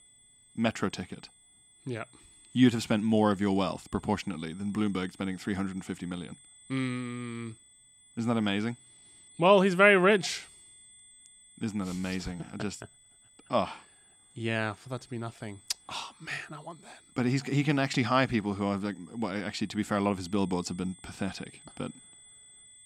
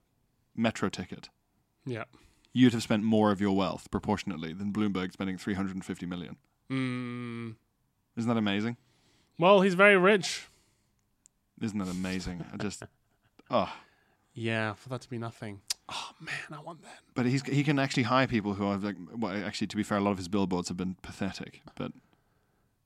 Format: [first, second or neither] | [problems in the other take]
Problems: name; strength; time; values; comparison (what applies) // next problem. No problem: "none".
second | high-pitched whine; faint; throughout; 8 kHz, 25 dB below the speech